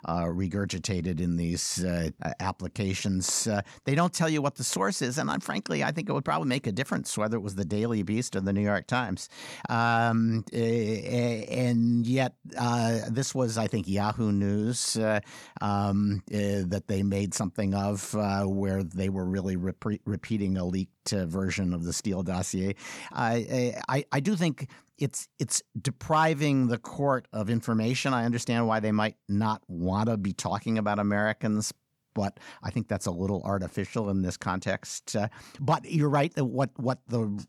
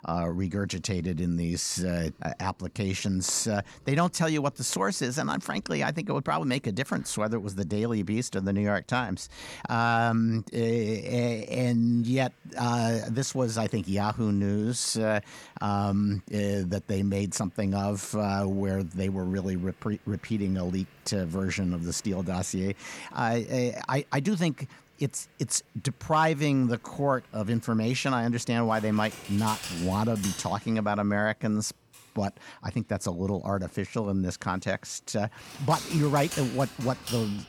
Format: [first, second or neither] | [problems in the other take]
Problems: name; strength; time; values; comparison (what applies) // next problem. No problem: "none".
first | household noises; noticeable; throughout; 15 dB below the speech